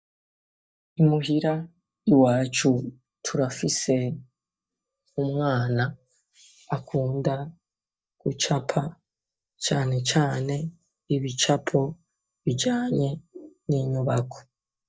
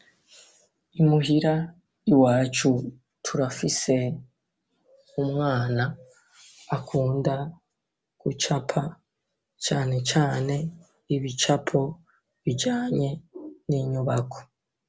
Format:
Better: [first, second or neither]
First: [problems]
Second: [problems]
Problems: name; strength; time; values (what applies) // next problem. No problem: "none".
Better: second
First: noise reduction (neural mask model DeepFilterNet 3)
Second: none